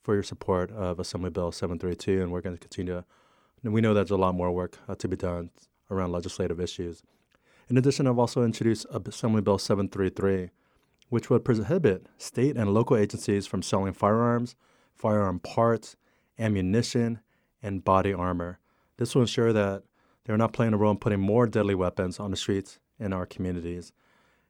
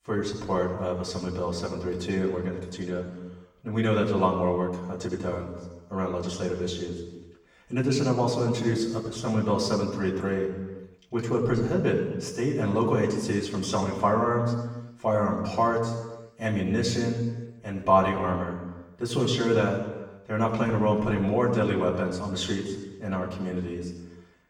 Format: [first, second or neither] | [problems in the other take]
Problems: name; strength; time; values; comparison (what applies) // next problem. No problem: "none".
first | room echo; noticeable; dies away in 1.1 s // off-mic speech; far